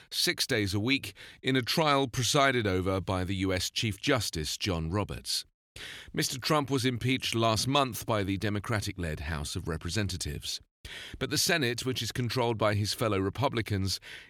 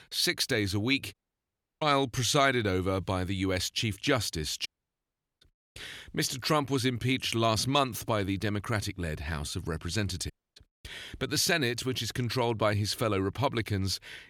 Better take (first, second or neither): first